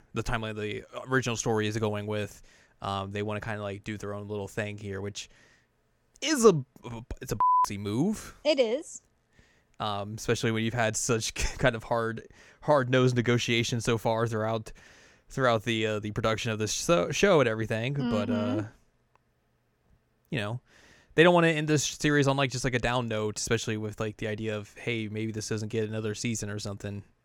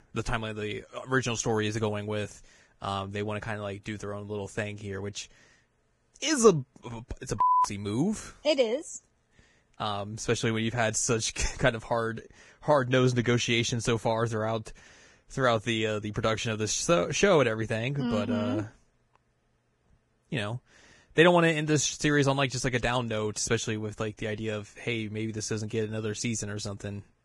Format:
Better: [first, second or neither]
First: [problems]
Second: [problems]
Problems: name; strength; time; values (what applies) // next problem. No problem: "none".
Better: first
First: none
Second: garbled, watery; badly; nothing above 10.5 kHz